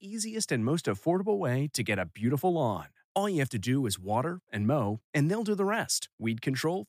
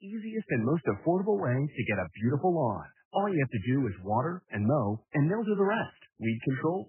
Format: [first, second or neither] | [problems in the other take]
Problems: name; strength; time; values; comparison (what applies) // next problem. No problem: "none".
first | garbled, watery; badly; nothing above 3 kHz